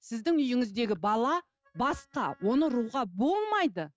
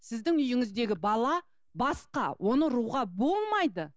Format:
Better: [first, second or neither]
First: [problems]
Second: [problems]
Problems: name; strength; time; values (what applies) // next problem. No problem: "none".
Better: second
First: noise reduction (neural mask model RNNoise)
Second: none